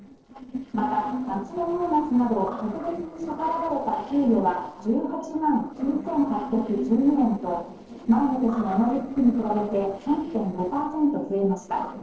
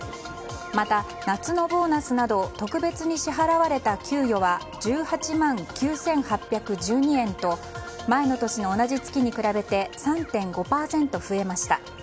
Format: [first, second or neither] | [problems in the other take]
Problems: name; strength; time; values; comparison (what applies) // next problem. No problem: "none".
second | noise reduction (neural separator model SepFormer DNS4)